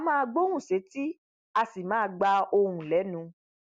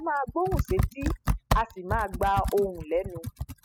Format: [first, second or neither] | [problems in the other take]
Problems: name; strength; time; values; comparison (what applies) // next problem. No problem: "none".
first | noise reduction (classical method spectral subtraction)